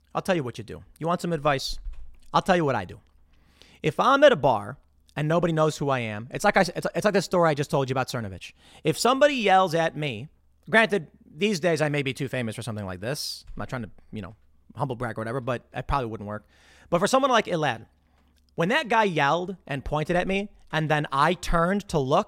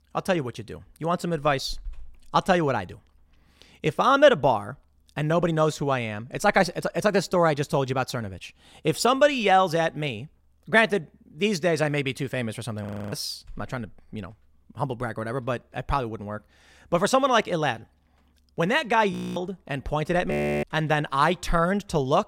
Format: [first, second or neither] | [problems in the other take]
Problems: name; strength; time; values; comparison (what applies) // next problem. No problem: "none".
first | audio freezing; at 13 s, at 19 s and at 20 s